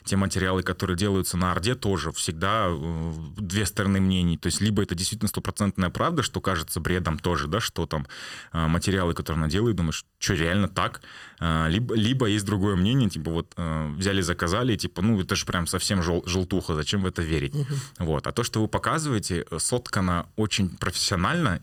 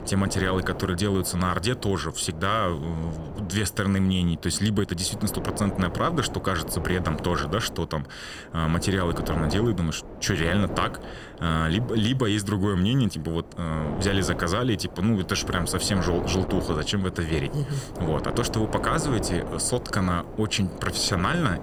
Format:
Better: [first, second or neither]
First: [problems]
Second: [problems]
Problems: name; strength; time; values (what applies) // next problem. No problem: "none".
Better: first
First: none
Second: wind noise on the microphone; heavy; 10 dB below the speech